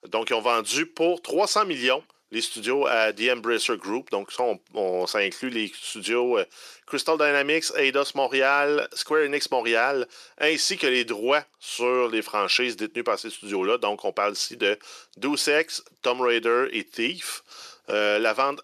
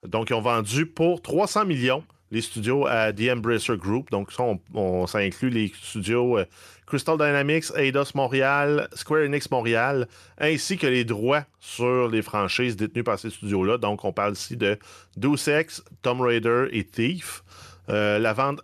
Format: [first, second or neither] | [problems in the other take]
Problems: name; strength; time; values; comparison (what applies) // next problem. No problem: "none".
second | thin; somewhat; fading below 300 Hz